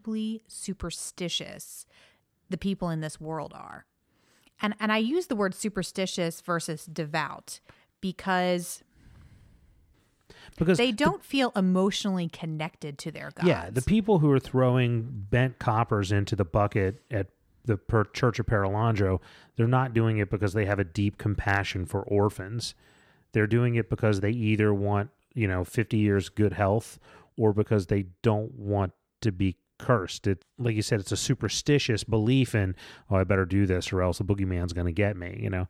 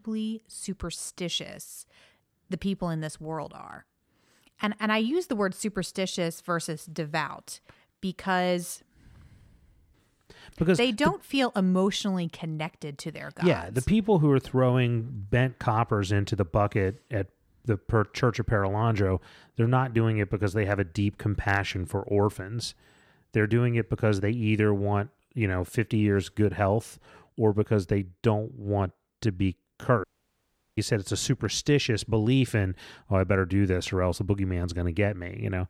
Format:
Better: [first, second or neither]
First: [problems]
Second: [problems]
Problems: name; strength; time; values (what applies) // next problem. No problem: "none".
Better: first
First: none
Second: audio cutting out; at 30 s for 0.5 s